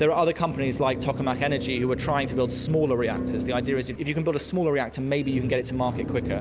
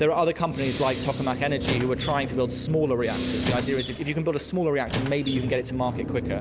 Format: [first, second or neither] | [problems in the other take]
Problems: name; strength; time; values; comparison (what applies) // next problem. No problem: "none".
first | background sound (Squeak + Respiratory sounds); 10 dB below the speech